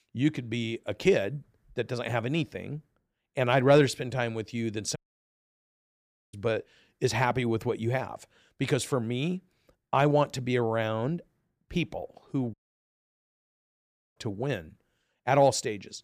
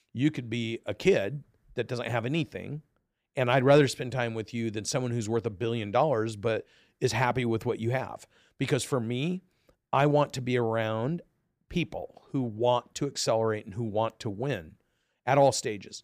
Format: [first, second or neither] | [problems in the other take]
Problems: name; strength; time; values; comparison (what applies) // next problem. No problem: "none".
second | audio cutting out; at 5 s for 1.5 s and at 13 s for 1.5 s